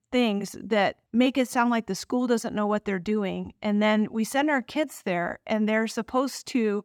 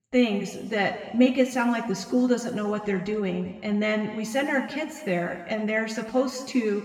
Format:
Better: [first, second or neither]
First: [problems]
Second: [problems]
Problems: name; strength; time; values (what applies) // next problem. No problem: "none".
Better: first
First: none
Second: room echo; slight; dies away in 1.5 s // off-mic speech; somewhat distant